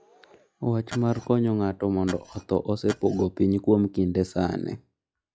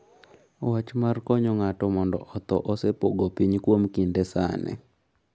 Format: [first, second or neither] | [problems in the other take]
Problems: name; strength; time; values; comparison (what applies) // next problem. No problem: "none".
second | noise reduction (classical method log-MMSE)